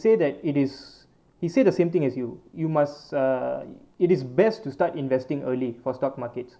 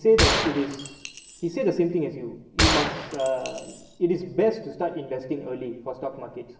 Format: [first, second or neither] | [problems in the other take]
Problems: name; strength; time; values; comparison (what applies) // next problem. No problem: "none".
first | background sound (Gunshot, gunfire); 1 dB below the speech // room echo; dies away in 0.9 s